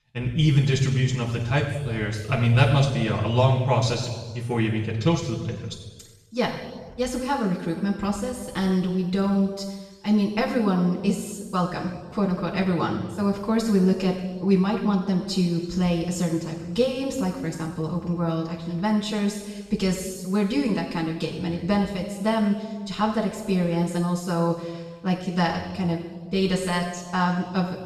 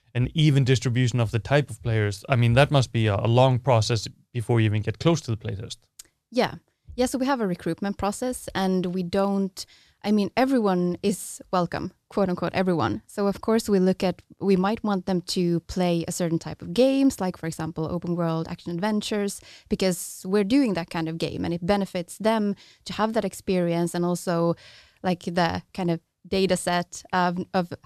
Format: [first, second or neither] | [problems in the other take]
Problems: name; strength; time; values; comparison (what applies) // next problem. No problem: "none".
second | room echo; noticeable; dies away in 1.2 s // off-mic speech; far